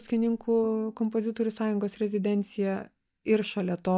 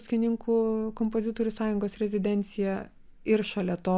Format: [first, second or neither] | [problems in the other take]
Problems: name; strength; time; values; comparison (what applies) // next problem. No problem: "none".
second | noise reduction (neural mask model DeepFilterNet 3)